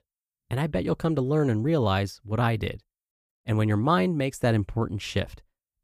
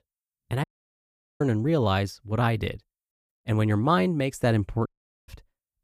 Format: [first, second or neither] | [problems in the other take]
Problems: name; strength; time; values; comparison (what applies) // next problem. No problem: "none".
first | audio cutting out; at 0.5 s for 1 s and at 5 s